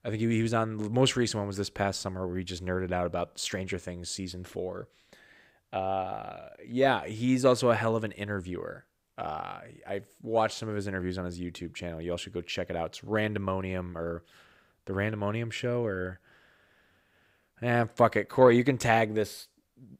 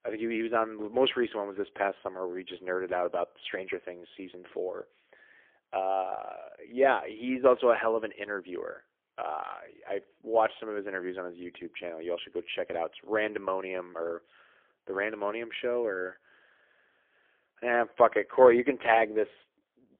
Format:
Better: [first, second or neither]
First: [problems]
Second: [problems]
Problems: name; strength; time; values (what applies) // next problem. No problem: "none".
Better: first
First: none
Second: phone-call audio; poor line; nothing above 3.5 kHz